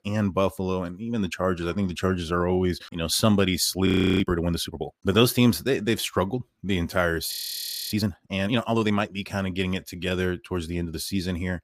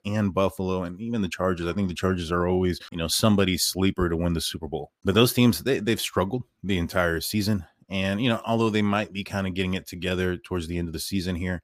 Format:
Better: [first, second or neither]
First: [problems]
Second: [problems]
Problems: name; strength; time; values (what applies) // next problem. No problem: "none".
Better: second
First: audio freezing; at 4 s and at 7.5 s for 0.5 s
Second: none